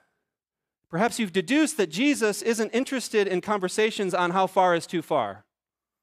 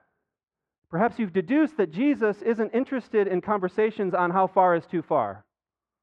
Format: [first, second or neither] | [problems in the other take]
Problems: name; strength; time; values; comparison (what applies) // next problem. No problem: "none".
first | muffled; very; fading above 1.5 kHz